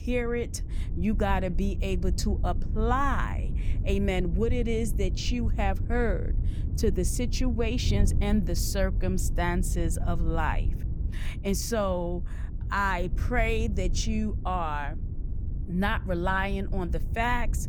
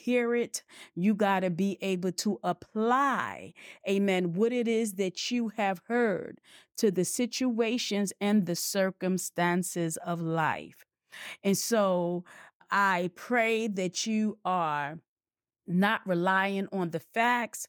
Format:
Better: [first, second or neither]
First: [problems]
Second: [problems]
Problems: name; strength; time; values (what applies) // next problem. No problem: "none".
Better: second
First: wind noise on the microphone; occasional gusts; 15 dB below the speech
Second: none